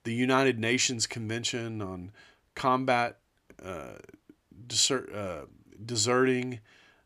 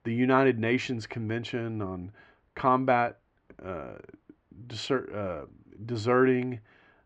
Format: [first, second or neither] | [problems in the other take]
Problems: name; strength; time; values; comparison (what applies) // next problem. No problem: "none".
first | muffled; very; fading above 2 kHz